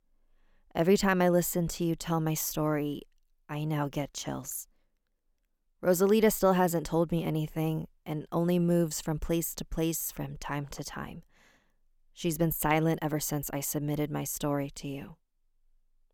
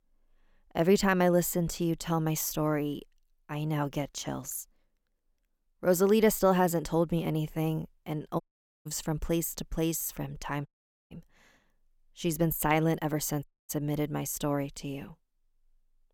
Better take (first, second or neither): first